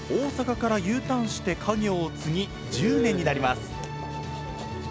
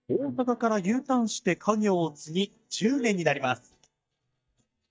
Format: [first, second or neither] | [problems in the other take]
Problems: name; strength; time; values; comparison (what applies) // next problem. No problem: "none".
first | noise reduction (neural mask model DeepFilterNet 3)